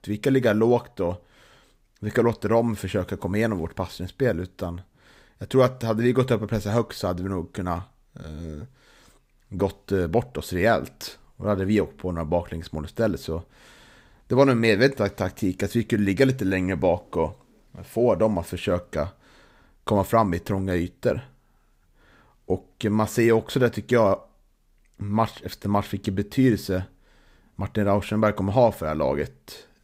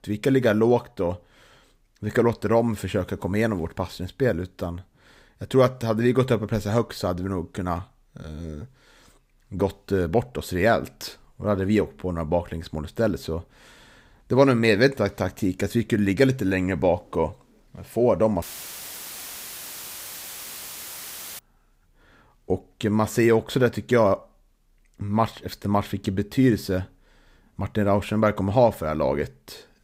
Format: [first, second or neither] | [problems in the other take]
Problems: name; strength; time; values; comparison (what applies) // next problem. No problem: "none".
first | audio cutting out; filled with static; at 18 s for 3 s